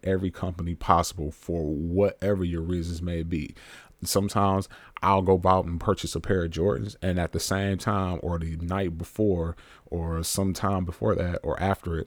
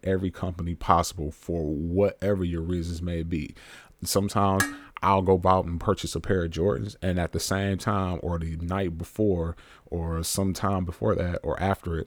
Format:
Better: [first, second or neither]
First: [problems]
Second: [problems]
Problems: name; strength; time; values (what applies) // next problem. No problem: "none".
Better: first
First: none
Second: clattering dishes; noticeable; at 4.5 s; peak 2 dB below the speech